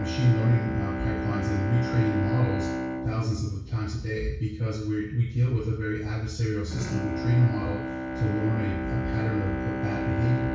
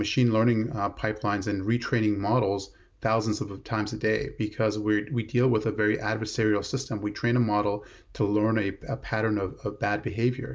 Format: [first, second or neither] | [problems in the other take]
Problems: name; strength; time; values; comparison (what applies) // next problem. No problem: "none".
second | background sound (Bowed string instrument); 6 dB below the speech // room echo; dies away in 0.6 s